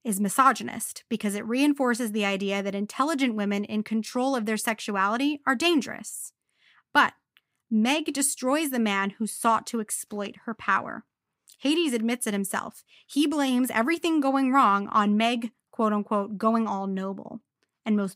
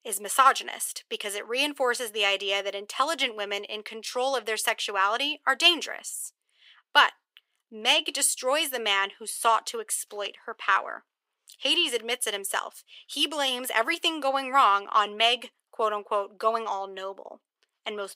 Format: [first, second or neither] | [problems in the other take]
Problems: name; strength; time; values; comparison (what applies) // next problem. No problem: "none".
first | thin; very; fading below 450 Hz